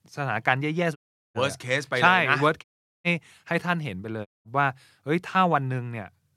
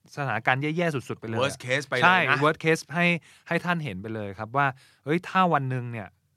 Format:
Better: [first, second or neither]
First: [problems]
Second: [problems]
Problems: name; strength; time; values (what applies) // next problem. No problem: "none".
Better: second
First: audio cutting out; at 1 s, at 2.5 s and at 4.5 s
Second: none